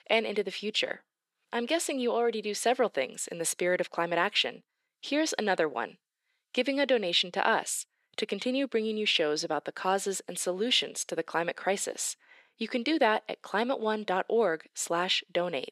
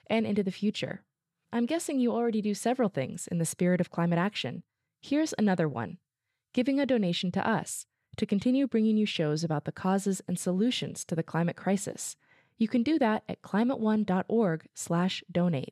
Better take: second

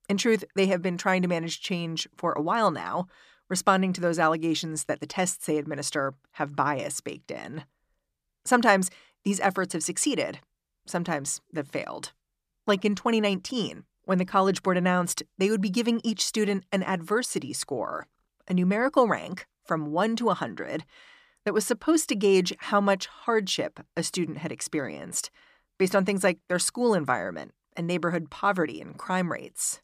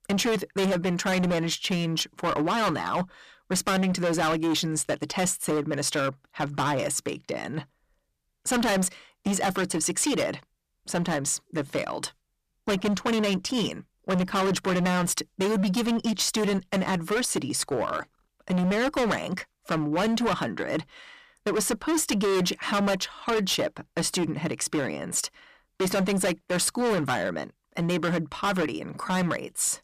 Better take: first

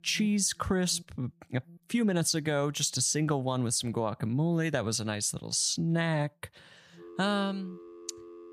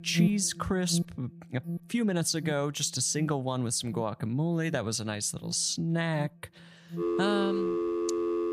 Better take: first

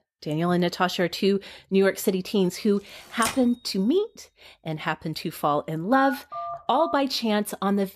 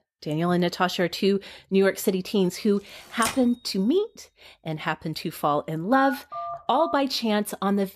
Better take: neither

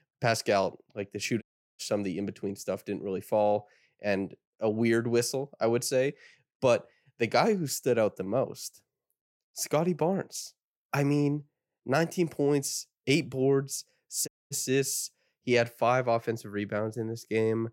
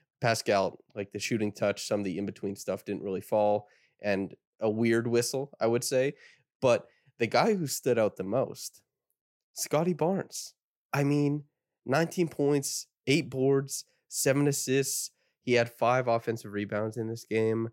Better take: second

